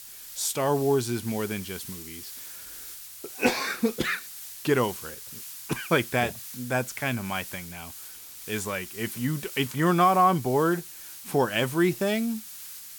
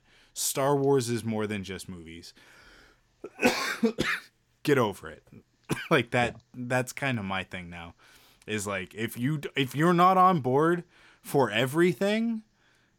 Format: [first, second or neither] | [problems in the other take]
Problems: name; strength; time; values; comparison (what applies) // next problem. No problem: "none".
second | hiss; noticeable; throughout; 10 dB below the speech